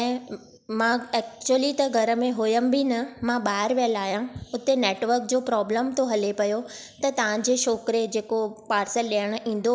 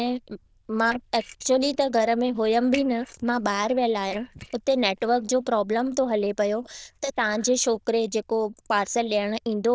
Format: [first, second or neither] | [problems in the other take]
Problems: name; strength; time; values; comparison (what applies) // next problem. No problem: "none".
first | noise reduction (neural diffusion model UNIVERSE++)